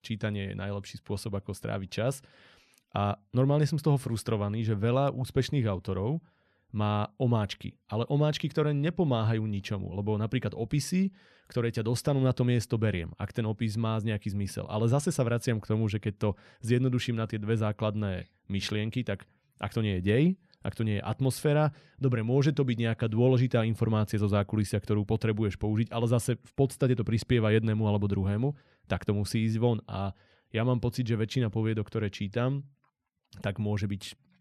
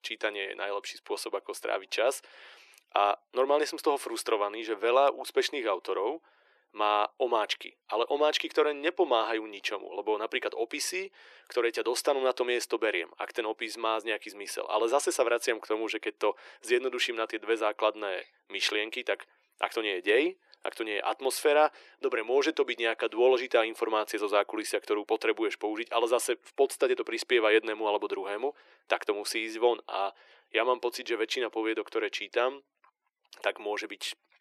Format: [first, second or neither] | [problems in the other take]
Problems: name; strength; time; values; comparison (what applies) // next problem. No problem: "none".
first | thin; very; fading below 350 Hz